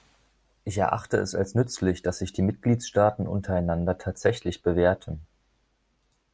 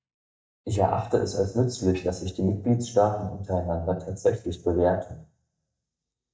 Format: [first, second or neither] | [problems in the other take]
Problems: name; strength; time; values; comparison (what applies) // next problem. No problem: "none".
first | noise reduction (neural mask model DeepFilterNet 3)